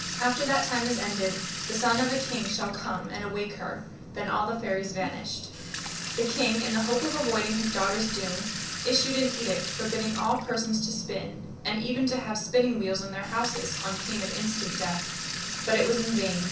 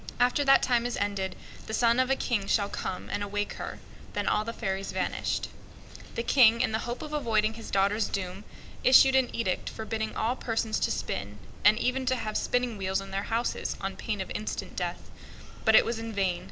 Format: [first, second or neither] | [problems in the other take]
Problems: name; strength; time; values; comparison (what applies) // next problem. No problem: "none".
second | background sound (Sink (filling or washing) / Water tap, faucet); 7 dB below the speech // room echo; dies away in 0.6 s